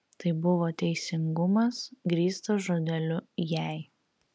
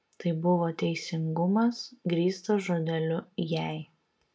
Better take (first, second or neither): first